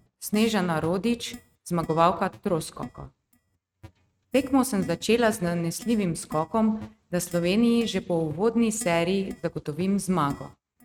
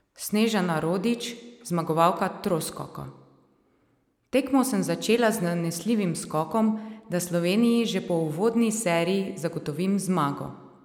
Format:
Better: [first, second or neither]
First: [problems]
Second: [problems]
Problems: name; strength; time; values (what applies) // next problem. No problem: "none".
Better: second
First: noise reduction (neural mask model RNNoise)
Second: none